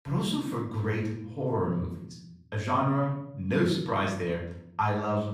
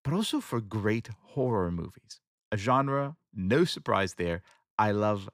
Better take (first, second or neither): second